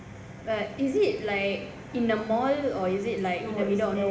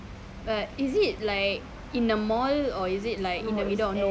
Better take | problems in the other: second | room echo; dies away in 1 s

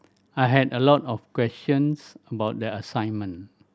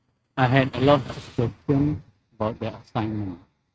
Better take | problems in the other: first | noise reduction (neural mask model RNNoise)

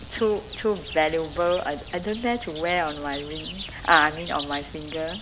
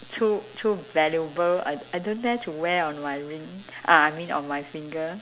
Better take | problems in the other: second | background sound (Chirp, tweet); 13 dB below the speech

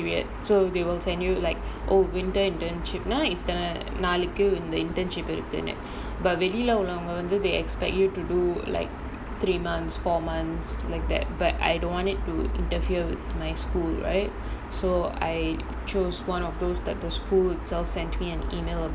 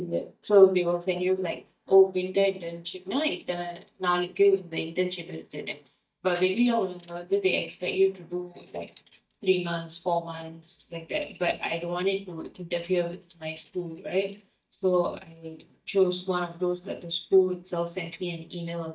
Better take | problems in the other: first | noise reduction (neural mask model DeepFilterNet 3)

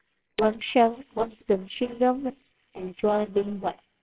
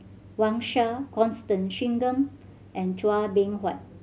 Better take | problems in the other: second | noise reduction (neural separator model SepFormer WHAMR!)

